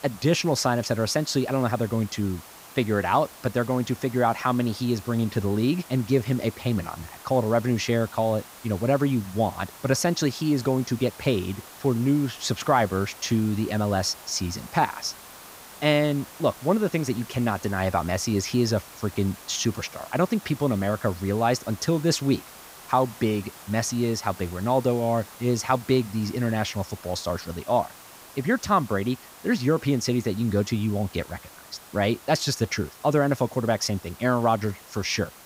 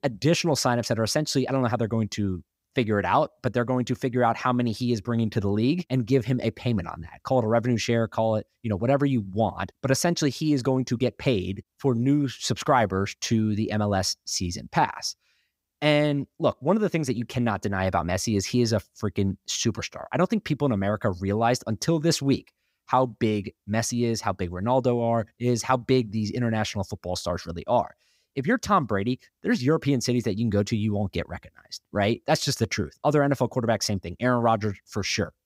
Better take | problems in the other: second | hiss; noticeable; throughout; 20 dB below the speech

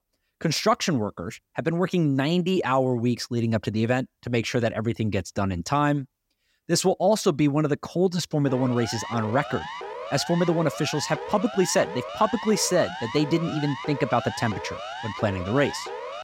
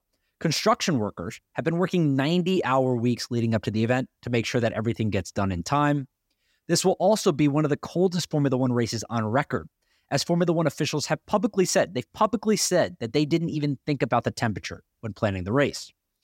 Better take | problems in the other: second | siren; noticeable; from 8.5 s on; peak 9 dB below the speech

